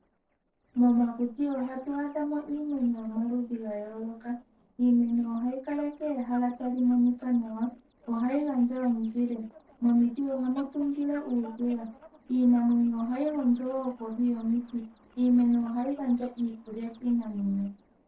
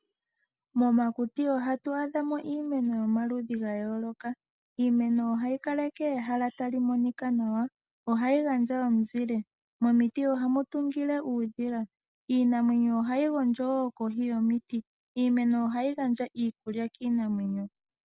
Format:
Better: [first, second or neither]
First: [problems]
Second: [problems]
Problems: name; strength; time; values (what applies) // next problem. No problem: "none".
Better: second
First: noise reduction (neural separator model SepFormer DNS4)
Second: none